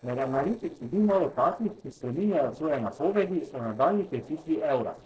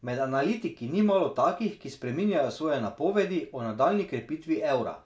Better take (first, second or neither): second